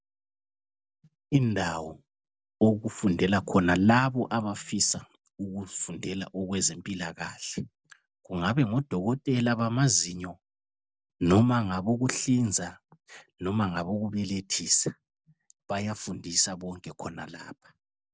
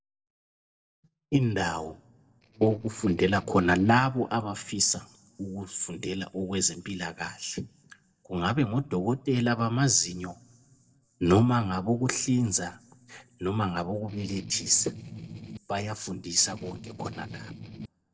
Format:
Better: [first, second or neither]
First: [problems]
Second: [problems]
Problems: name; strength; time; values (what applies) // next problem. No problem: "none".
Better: first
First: none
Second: noise reduction (neural separator model SepFormer DNS4)